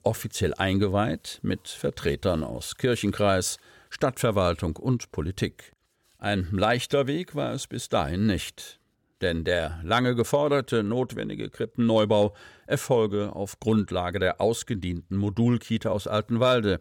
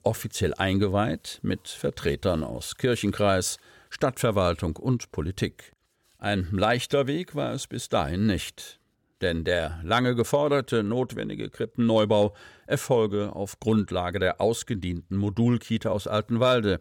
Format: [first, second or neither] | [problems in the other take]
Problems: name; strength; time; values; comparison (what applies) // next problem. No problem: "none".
neither | none